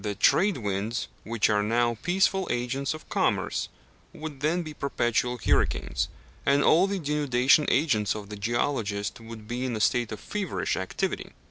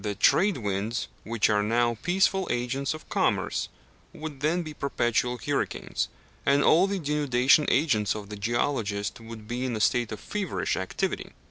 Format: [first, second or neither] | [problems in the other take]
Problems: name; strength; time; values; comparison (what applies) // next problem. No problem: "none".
second | background sound (Bass drum); 9 dB below the speech